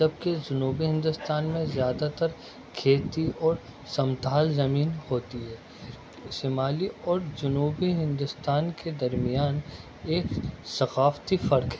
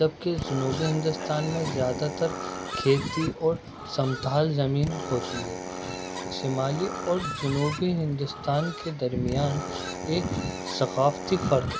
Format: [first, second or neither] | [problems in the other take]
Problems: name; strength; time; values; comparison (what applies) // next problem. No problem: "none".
first | background sound (Drill + Livestock, farm animals, working animals); 8 dB below the speech